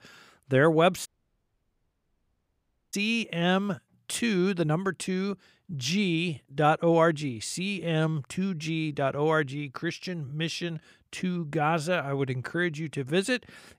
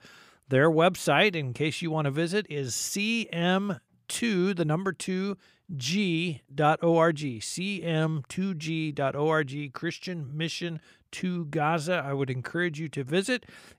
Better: second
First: audio cutting out; at 1 s for 2 s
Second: none

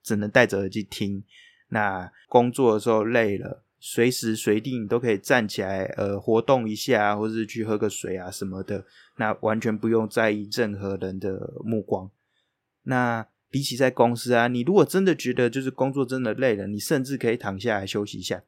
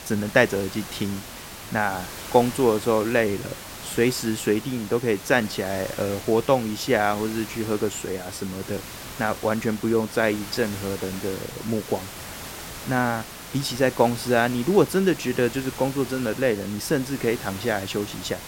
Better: first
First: none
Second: hiss; noticeable; throughout; 10 dB below the speech

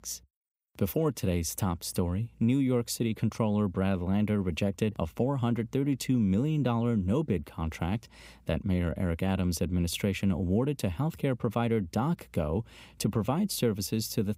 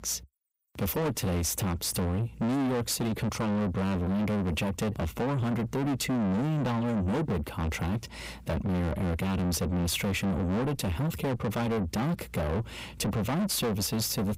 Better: first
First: none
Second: distortion; heavy; 5 dB below the speech

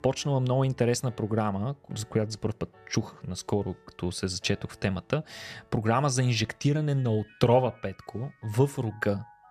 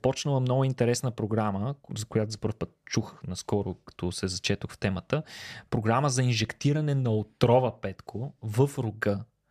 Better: second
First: background music; faint; throughout; 25 dB below the speech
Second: none

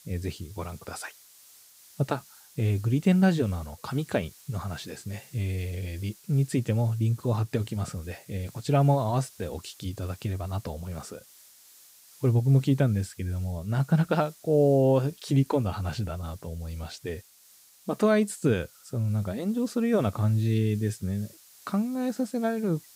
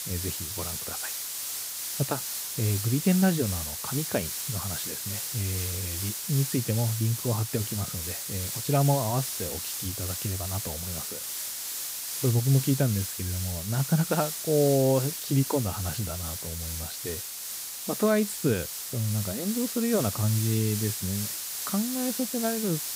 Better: first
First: hiss; faint; throughout; 25 dB below the speech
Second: hiss; loud; throughout; 3 dB below the speech

